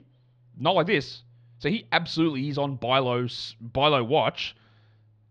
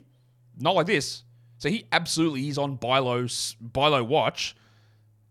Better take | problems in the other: second | muffled; very slightly; fading above 4 kHz

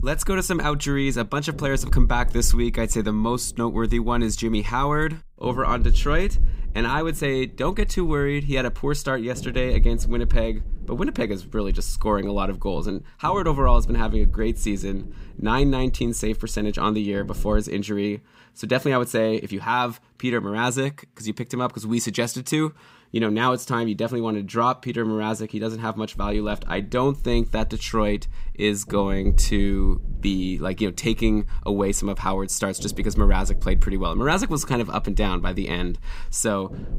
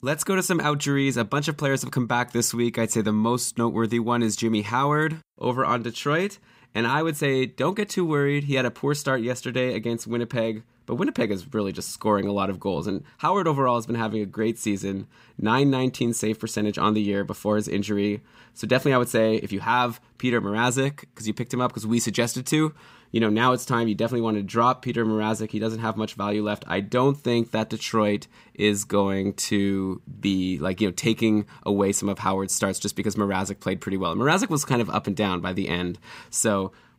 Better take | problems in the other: second | low rumble; faint; until 18 s and from 26 s on; 25 dB below the speech

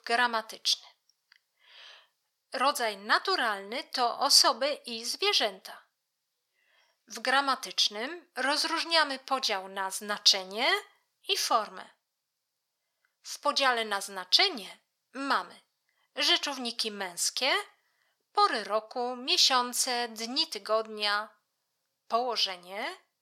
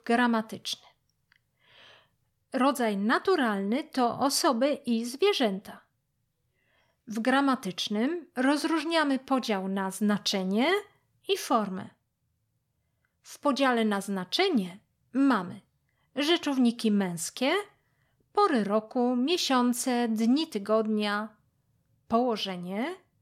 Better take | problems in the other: second | thin; very; fading below 700 Hz

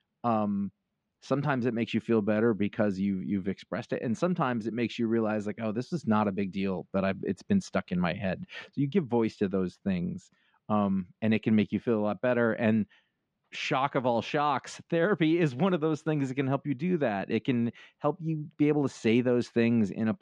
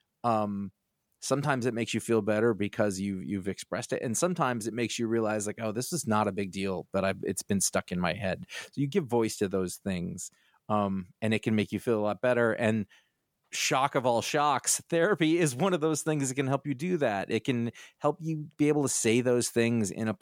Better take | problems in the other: second | muffled; slightly; fading above 3.5 kHz

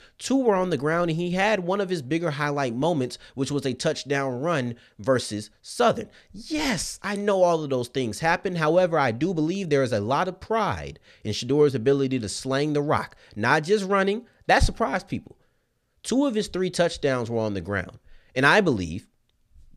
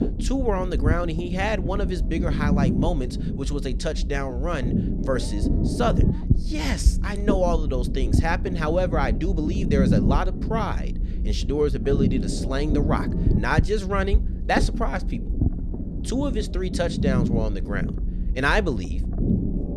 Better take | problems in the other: first | low rumble; loud; throughout; 7 dB below the speech

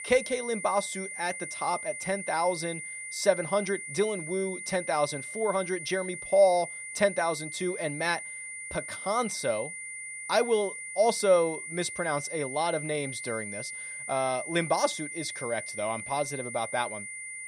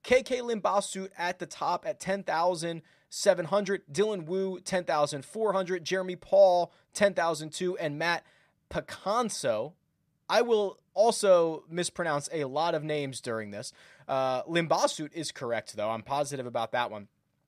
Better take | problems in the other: second | high-pitched whine; loud; throughout; 2 kHz, 7 dB below the speech

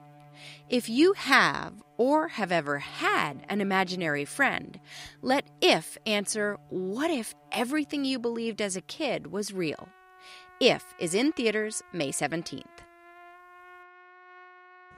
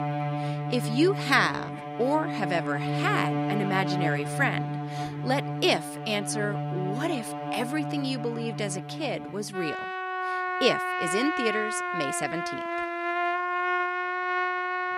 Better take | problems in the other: first | background music; loud; throughout; 2 dB below the speech; faint in the first

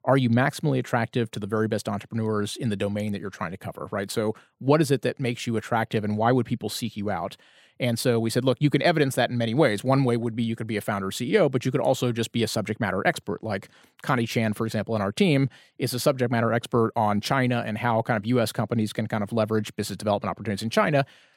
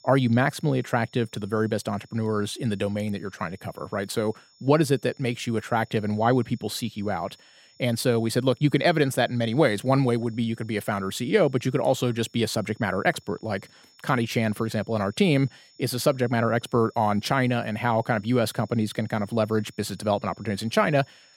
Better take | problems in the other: first | high-pitched whine; faint; throughout; 5.5 kHz, 30 dB below the speech

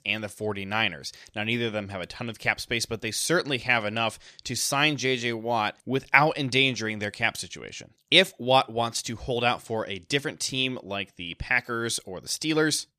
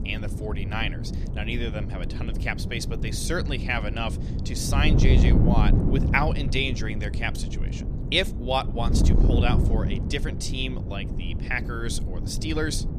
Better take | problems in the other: first | wind noise on the microphone; heavy; 8 dB below the speech

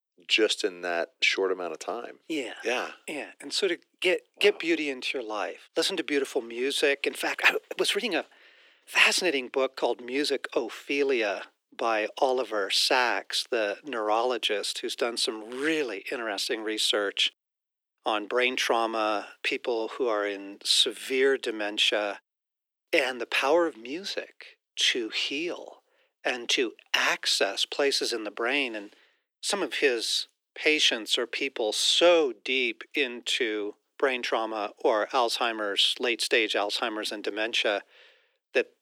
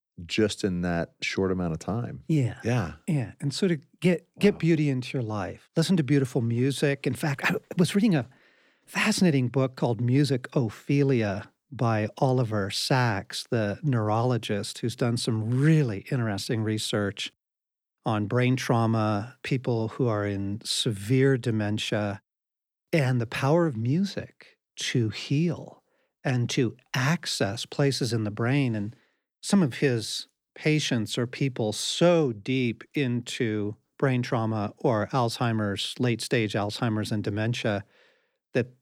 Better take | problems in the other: second | thin; very; fading below 350 Hz

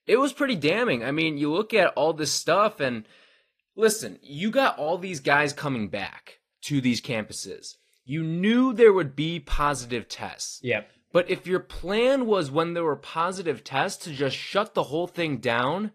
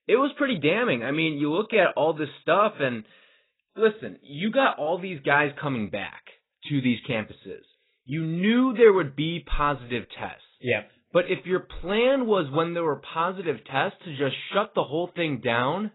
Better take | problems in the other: first | garbled, watery; badly; nothing above 4 kHz; slightly in the first

